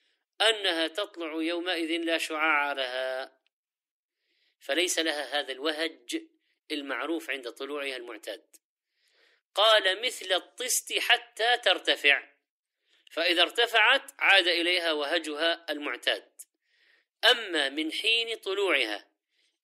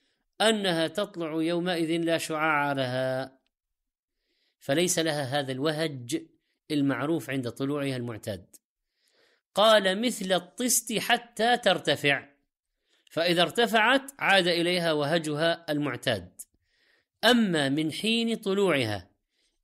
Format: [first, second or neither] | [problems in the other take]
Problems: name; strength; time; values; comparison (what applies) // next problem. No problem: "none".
second | thin; very; fading below 300 Hz